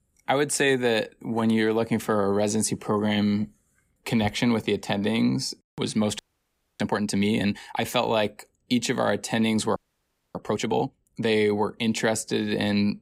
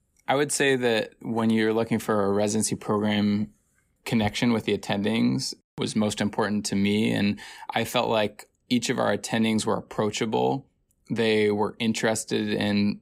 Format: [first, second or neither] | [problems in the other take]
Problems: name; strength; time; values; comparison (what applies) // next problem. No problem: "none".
second | audio freezing; at 6 s for 0.5 s and at 10 s for 0.5 s